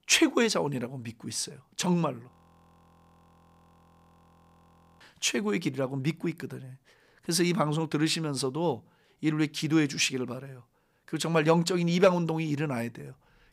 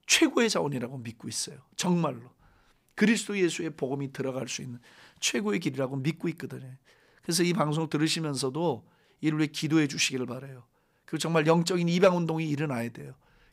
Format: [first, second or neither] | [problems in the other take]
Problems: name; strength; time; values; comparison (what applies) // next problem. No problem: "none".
second | audio freezing; at 2.5 s for 2.5 s